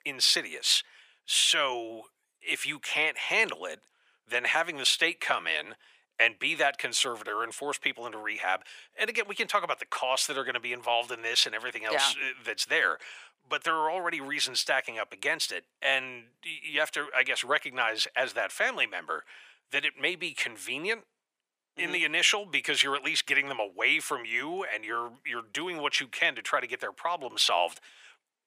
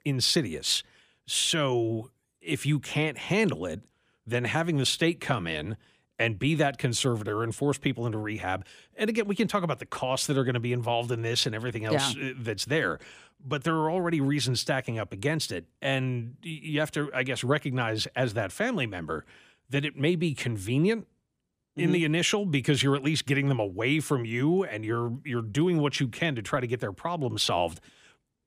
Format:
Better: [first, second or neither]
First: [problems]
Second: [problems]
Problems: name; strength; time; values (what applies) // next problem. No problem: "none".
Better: second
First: thin; very; fading below 750 Hz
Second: none